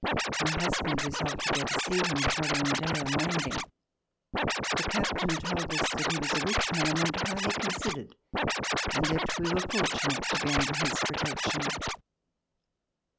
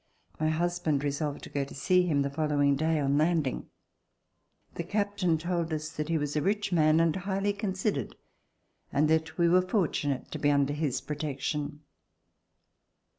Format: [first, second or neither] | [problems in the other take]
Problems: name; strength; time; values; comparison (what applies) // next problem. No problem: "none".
second | background sound (Scratching (performance technique)); 5 dB above the speech